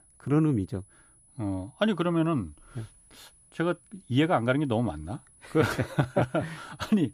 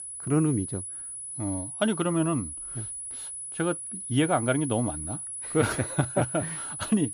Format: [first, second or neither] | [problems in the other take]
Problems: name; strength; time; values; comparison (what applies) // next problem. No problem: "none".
first | high-pitched whine; loud; throughout; 10 kHz, 6 dB below the speech; faint in the first